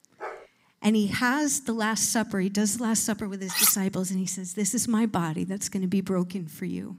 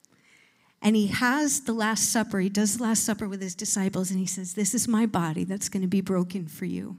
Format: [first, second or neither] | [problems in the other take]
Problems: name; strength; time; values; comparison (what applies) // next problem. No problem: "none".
second | dog barking; faint; at the start; peak 15 dB below the speech // clattering dishes; loud; at 3.5 s; peak 5 dB above the speech